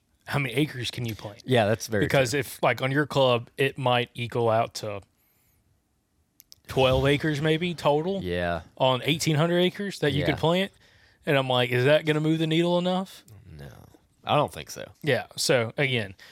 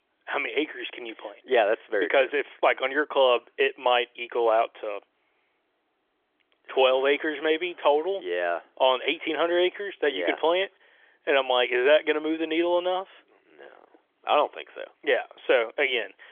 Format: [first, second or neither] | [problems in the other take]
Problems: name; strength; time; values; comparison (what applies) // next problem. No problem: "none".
first | phone-call audio; nothing above 3.5 kHz